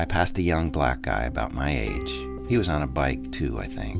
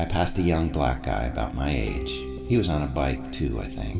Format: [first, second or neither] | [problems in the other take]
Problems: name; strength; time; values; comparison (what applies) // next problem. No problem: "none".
first | room echo; dies away in 2.7 s